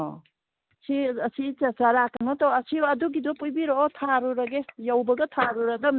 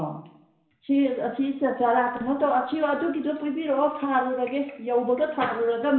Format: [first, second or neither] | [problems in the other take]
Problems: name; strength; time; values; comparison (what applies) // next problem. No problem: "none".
first | room echo; dies away in 0.8 s